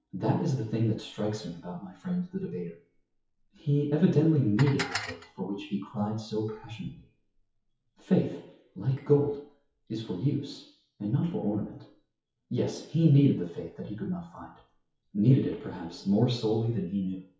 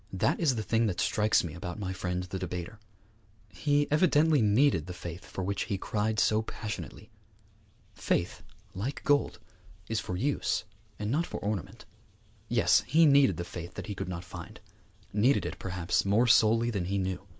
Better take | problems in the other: second | noise reduction (classical method WPE with log-MMSE)

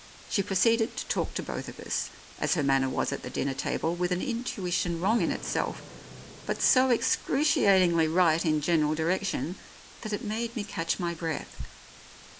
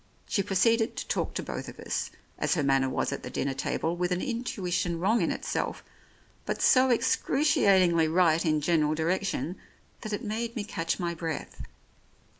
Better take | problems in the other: second | background sound (Thunder + Water); 19 dB below the speech

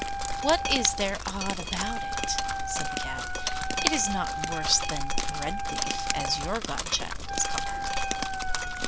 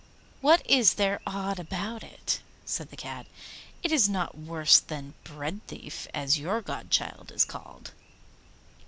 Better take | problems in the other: second | background sound (Drip + Wind instrument, woodwind instrument); 3 dB above the speech

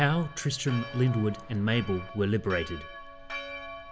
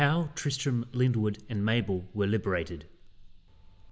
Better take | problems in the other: second | background sound (Church bell); 13 dB below the speech

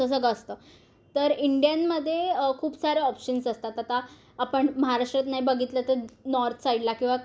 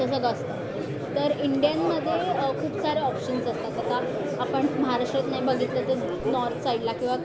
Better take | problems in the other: first | background sound (Crowd); 3 dB below the speech

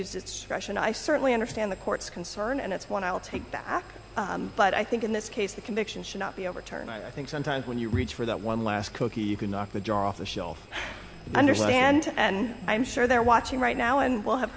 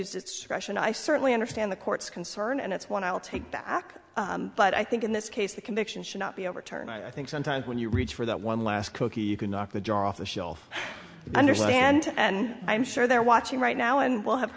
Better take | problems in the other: second | background sound (Waves, surf + Engine); 19 dB below the speech

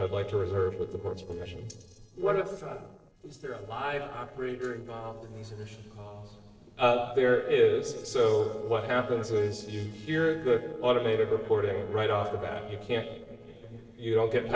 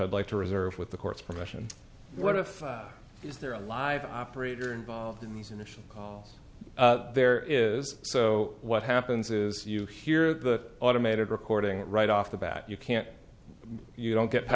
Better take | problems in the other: second | noise reduction (neural separator model SepFormer DNS4)

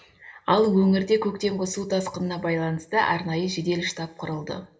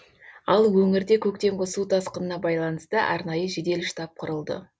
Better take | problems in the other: second | room echo; dies away in 0.7 s

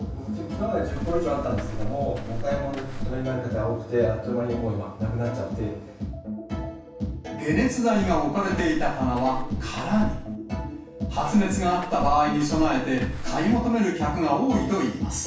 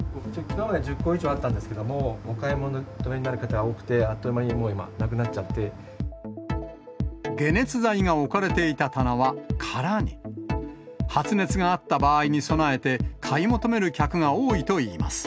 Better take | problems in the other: second | background sound (Walk, footsteps); 8 dB below the speech // room echo; dies away in 0.7 s

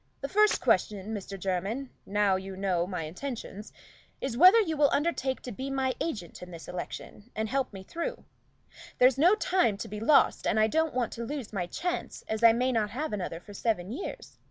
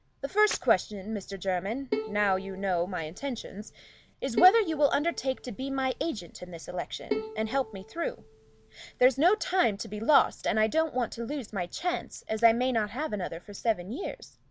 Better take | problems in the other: first | background sound (Bowed string instrument); 10 dB below the speech

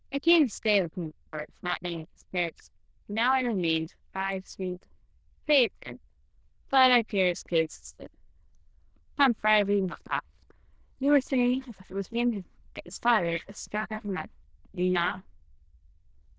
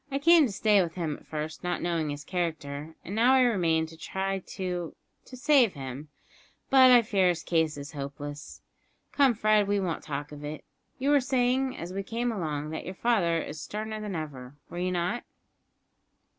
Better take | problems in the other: second | noise reduction (neural diffusion model UNIVERSE++)

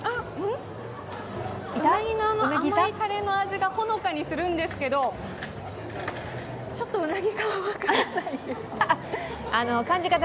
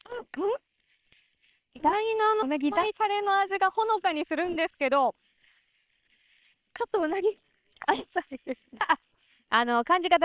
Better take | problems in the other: first | noise reduction (neural separator model SepFormer WHAM!)

